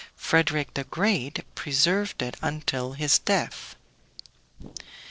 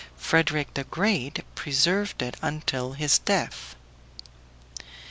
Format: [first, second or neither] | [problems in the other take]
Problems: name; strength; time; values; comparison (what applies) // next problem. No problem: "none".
second | noise reduction (neural separator model SepFormer DNS4)